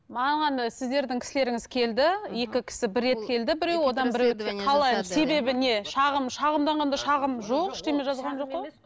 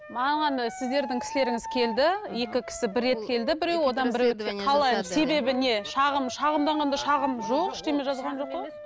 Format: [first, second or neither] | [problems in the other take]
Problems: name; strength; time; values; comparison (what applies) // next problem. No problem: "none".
first | background sound (Wind instrument, woodwind instrument); 13 dB below the speech